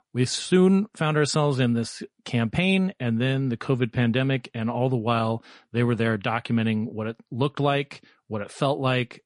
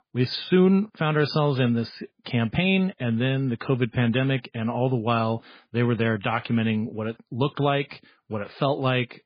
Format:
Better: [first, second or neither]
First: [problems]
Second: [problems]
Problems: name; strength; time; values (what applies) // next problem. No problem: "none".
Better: first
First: garbled, watery; slightly; nothing above 10 kHz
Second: garbled, watery; badly; nothing above 5 kHz